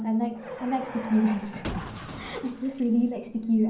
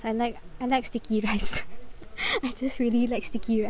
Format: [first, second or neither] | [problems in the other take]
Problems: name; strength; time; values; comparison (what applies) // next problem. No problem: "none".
second | background sound (Car); 12 dB below the speech // room echo; dies away in 0.6 s